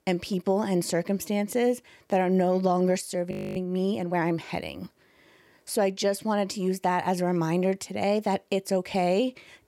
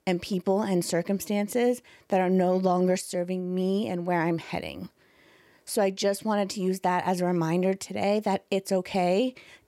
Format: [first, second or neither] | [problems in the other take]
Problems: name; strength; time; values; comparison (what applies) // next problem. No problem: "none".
second | audio freezing; at 3.5 s